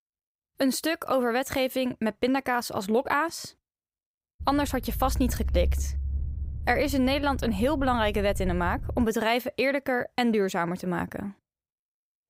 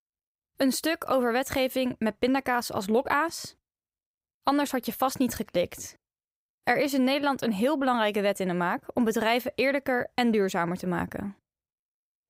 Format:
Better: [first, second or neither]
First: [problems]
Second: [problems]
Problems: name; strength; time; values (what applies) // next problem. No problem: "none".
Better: second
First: low rumble; faint; from 4.5 to 9 s; 25 dB below the speech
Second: none